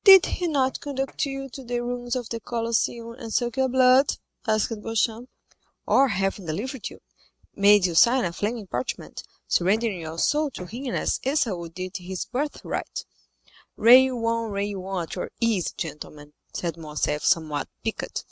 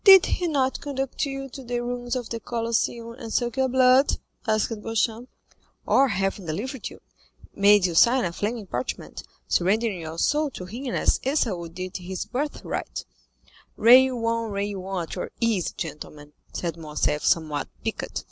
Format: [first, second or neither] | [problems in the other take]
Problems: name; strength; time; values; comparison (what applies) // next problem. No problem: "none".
second | noise reduction (neural mask model RNNoise)